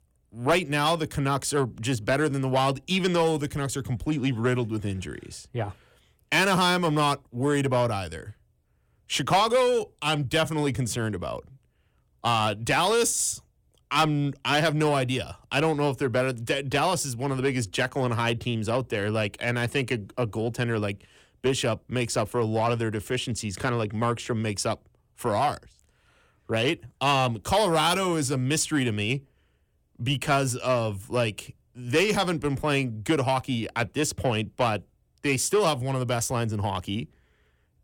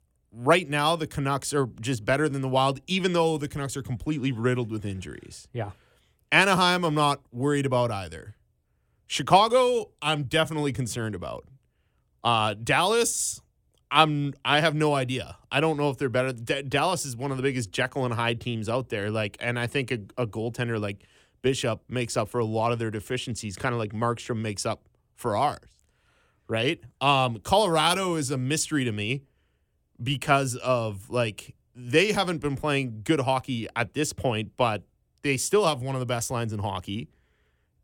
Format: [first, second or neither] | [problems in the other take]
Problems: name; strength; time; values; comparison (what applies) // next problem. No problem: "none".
second | distortion; slight; 10 dB below the speech